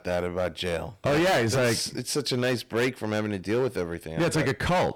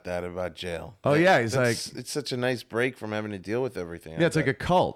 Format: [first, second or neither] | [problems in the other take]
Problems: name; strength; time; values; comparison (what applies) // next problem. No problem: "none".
second | distortion; heavy; 14% of the sound clipped